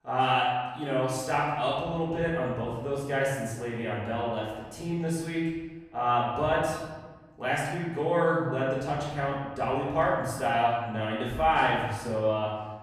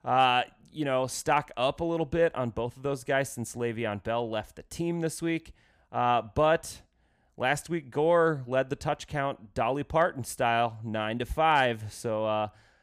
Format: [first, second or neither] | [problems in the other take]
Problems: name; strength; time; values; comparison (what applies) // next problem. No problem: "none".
second | room echo; noticeable; dies away in 1.1 s // off-mic speech; far